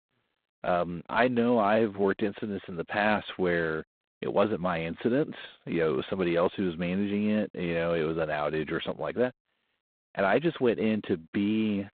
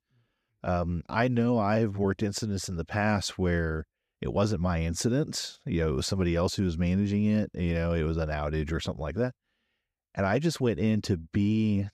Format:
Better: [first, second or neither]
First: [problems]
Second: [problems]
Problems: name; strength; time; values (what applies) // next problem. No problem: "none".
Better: second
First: phone-call audio; poor line; nothing above 4 kHz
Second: none